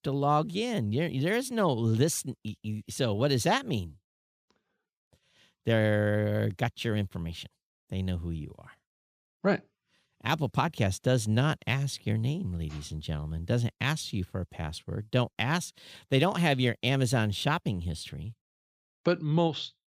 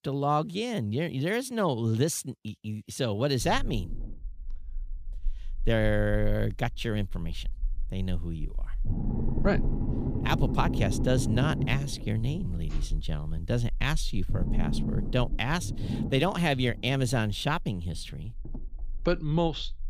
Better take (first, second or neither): first